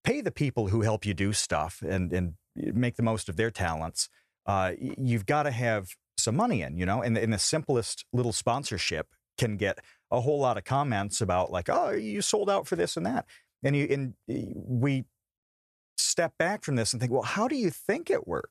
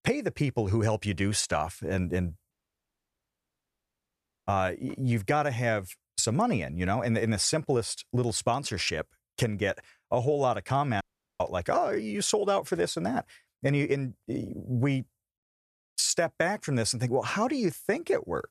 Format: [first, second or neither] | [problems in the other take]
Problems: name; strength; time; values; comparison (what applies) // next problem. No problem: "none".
first | audio cutting out; at 2.5 s for 2 s and at 11 s